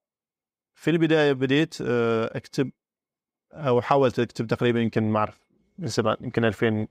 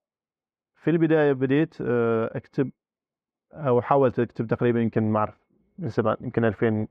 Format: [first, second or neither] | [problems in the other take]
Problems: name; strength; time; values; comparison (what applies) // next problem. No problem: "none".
first | muffled; very; fading above 3.5 kHz